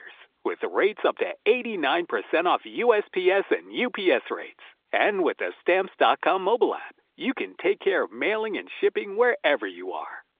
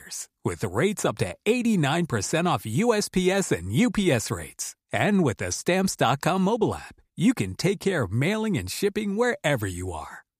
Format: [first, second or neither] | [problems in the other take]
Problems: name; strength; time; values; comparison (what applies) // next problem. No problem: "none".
second | phone-call audio